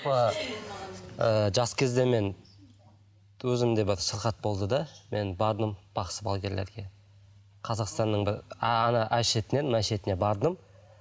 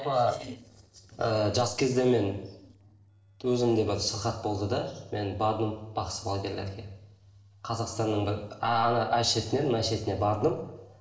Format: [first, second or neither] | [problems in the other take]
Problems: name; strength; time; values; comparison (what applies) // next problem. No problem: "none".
first | noise reduction (neural separator model SepFormer DNS4)